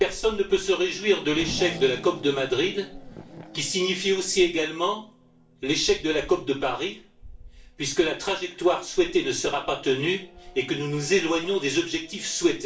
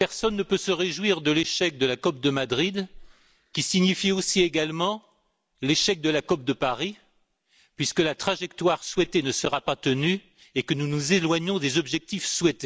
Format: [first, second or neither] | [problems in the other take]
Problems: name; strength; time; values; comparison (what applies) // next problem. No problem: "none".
second | background sound (Race car, auto racing / Accelerating, revving, vroom); 18 dB below the speech // room echo; dies away in 0.3 s